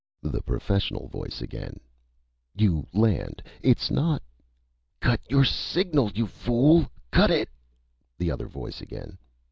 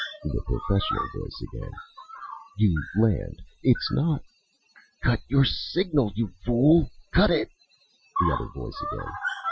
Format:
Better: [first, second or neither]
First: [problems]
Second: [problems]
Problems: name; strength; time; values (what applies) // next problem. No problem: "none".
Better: first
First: none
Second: noise reduction (classical method Wiener filter)